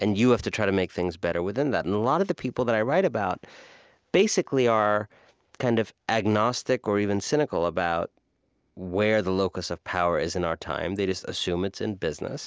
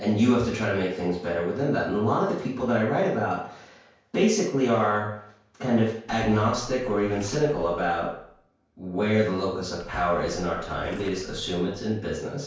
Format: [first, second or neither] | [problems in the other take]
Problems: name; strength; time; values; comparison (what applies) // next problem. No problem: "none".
first | background sound (Splash, splatter); 18 dB below the speech // room echo; dies away in 0.5 s